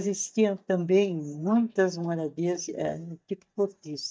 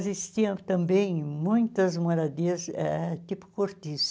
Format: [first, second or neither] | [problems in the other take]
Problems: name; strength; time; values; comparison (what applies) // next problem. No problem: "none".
second | noise reduction (neural mask model DeepFilterNet 3)